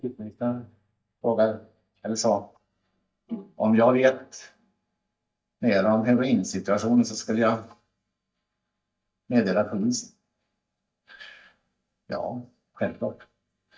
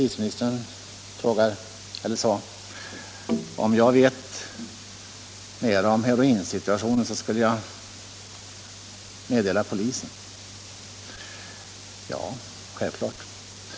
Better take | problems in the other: second | noise reduction (neural mask model DeepFilterNet 3)

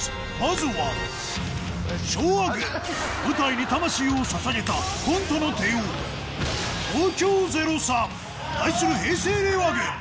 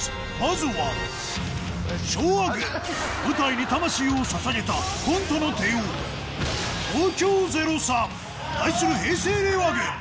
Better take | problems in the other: second | background sound (Crack); 19 dB below the speech

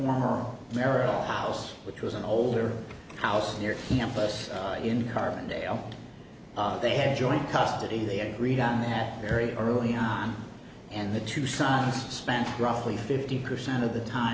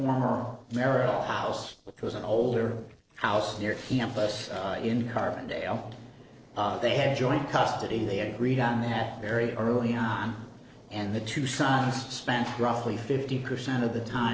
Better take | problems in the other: first | noise reduction (neural separator model SepFormer DNS4)

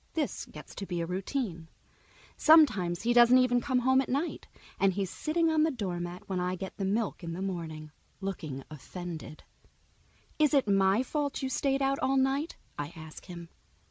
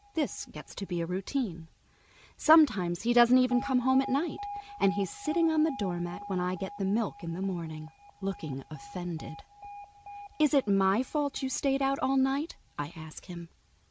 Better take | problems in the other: first | background sound (Alarm); 17 dB below the speech

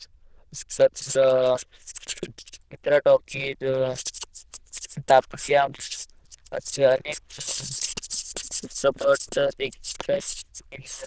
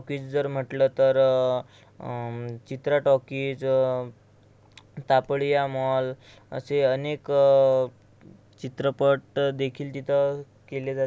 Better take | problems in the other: second | noise reduction (neural diffusion model UNIVERSE++)

